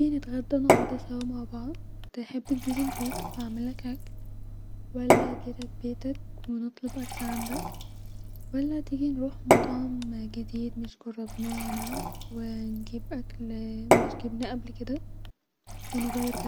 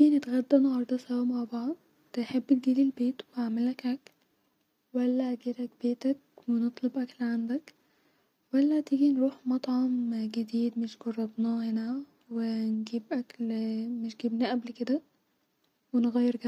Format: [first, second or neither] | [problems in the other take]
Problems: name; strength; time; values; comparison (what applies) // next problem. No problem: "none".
second | background sound (Fill (with liquid) / Glass / Water); 2 dB above the speech